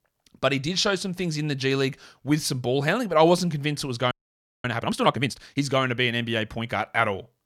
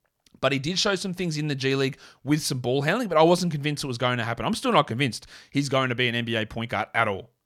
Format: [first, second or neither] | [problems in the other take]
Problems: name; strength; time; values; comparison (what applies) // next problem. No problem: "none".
second | audio freezing; at 4 s for 0.5 s